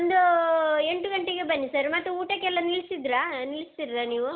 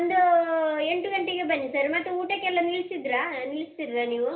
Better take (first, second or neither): first